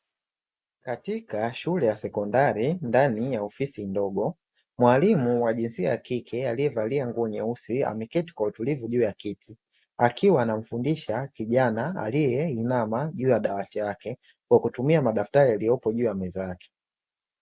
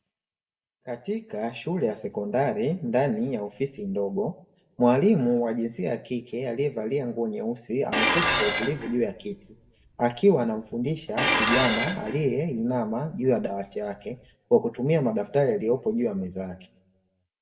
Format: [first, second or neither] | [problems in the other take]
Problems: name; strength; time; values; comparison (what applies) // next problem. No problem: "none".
first | background sound (Dishes, pots, and pans); 3 dB below the speech // room echo; dies away in 0.5 s